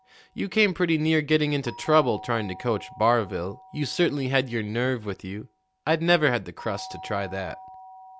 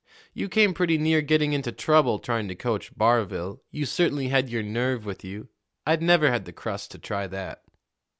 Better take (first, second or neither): second